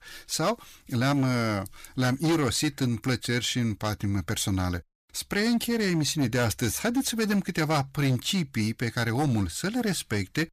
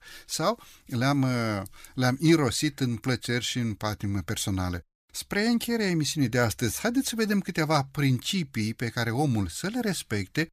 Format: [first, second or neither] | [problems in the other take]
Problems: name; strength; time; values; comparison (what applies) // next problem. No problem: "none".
second | distortion; slight; 9% of the sound clipped